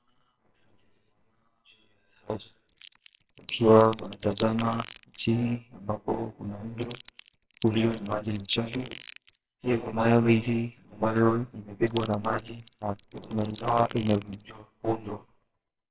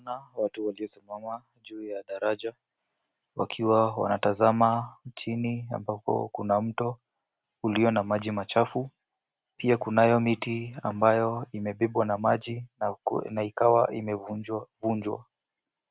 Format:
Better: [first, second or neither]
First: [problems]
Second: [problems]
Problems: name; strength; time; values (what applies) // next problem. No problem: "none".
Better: second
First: noise reduction (neural separator model SepFormer WHAMR!)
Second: none